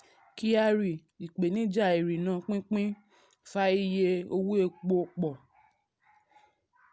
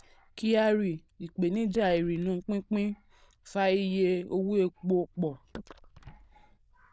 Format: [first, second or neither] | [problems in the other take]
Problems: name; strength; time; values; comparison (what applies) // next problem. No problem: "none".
first | noise reduction (neural diffusion model UNIVERSE++)